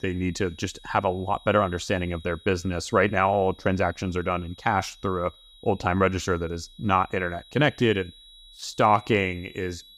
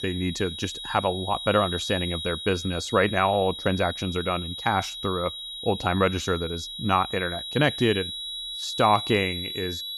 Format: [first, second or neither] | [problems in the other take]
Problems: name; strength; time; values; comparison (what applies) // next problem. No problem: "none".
first | high-pitched whine; loud; throughout; 4 kHz, 7 dB below the speech; faint in the first